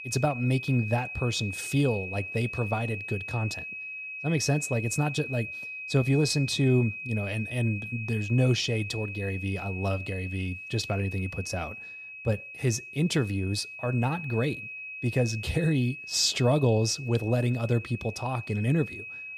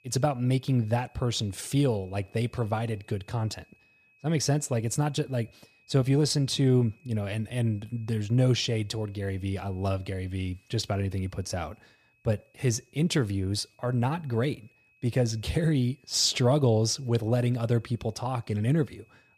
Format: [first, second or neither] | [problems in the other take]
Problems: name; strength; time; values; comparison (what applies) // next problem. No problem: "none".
second | high-pitched whine; loud; throughout; 2.5 kHz, 9 dB below the speech; faint in the second